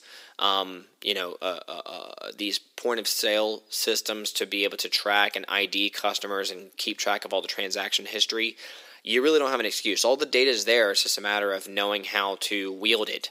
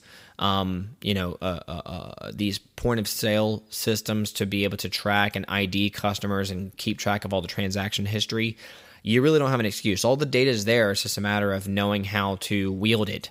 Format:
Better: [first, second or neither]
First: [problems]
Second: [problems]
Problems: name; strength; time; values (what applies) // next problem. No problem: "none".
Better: second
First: thin; somewhat; fading below 300 Hz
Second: none